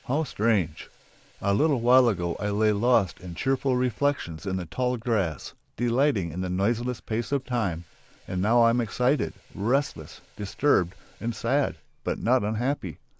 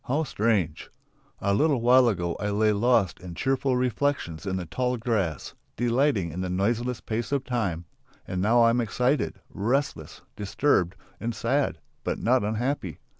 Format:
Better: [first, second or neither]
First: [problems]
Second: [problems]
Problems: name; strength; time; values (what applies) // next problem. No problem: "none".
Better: second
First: noise reduction (neural mask model Resemble Enhance denoiser)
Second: none